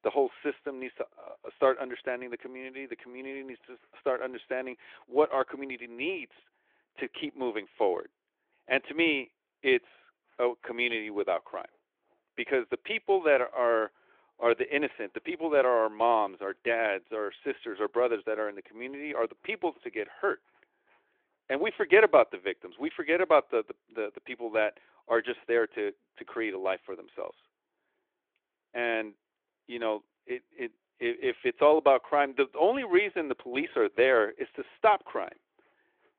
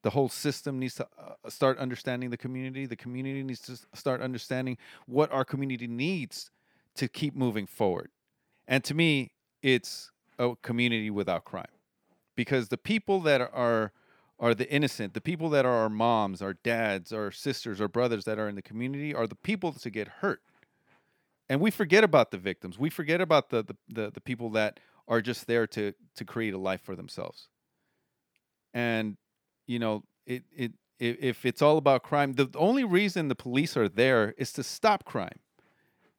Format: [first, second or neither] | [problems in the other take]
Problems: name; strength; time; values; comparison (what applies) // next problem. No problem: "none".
second | phone-call audio; nothing above 3.5 kHz